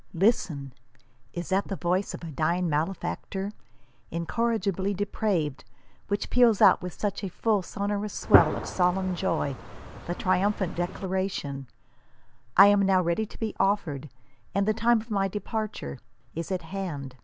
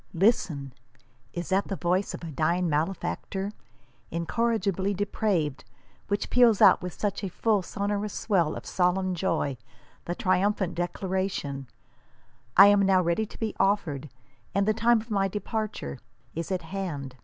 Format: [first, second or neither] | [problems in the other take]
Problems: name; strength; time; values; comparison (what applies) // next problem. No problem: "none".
second | background sound (Gunshot, gunfire); 3 dB below the speech